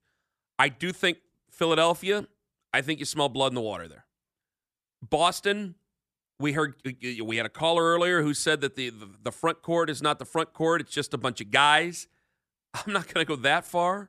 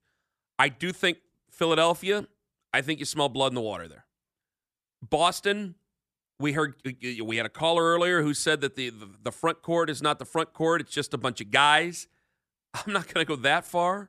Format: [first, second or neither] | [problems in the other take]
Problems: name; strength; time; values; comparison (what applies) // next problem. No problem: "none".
neither | none